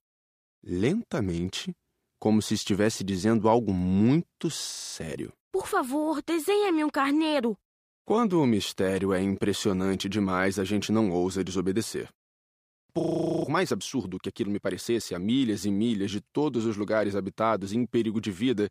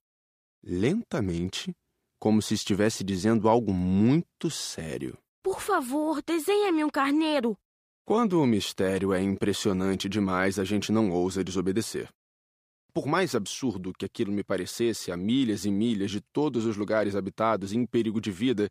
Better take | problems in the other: second | audio freezing; at 4.5 s and at 13 s

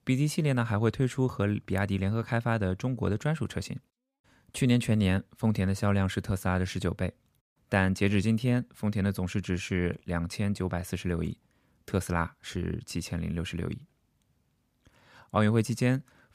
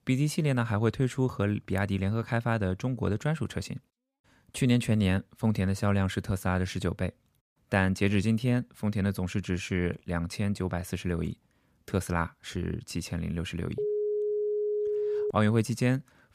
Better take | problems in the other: first | phone ringing; noticeable; from 14 to 15 s; peak level with the speech

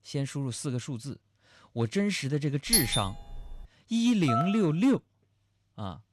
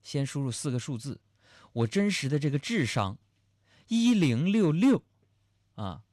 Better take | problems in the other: second | doorbell; loud; at 2.5 s; peak 4 dB above the speech // phone ringing; noticeable; at 4.5 s; peak 2 dB below the speech

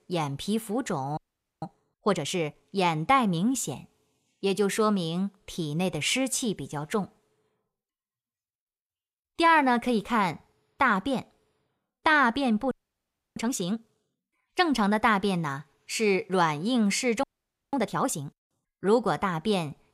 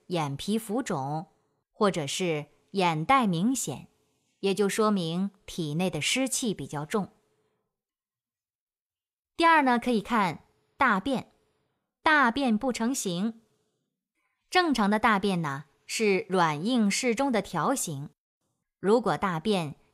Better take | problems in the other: second | audio freezing; at 1 s, at 13 s for 0.5 s and at 17 s for 0.5 s

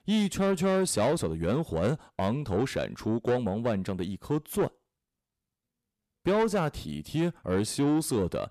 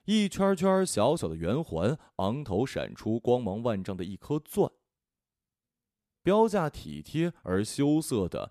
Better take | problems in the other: second | distortion; slight; 10 dB below the speech

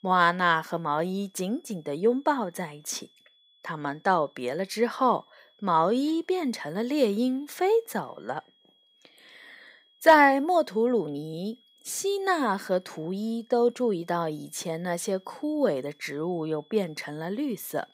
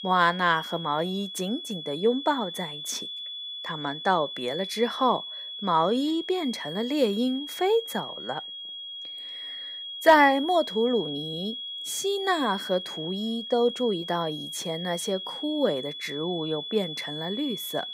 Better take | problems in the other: first | high-pitched whine; loud; throughout; 3.5 kHz, 8 dB below the speech; faint in the first

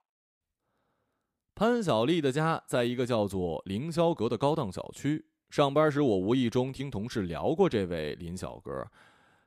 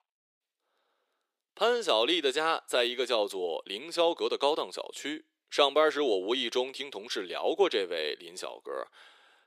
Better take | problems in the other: first | thin; very; fading below 400 Hz

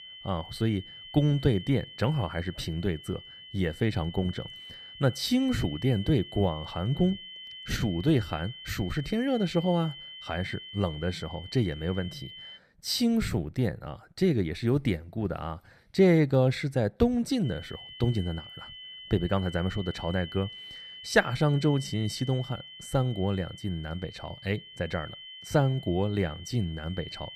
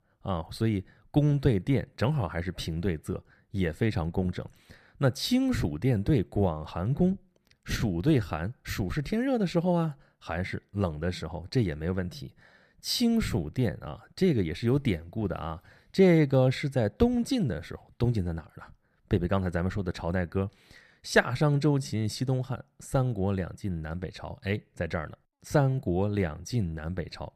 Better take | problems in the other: second | high-pitched whine; noticeable; until 13 s and from 17 s on; 3 kHz, 15 dB below the speech

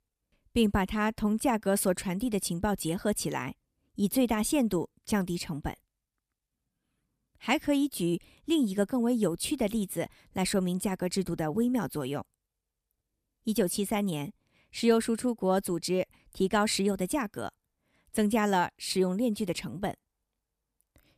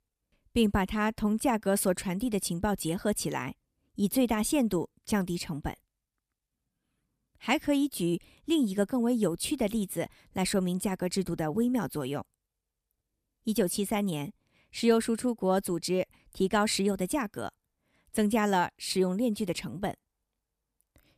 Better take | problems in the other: neither | none

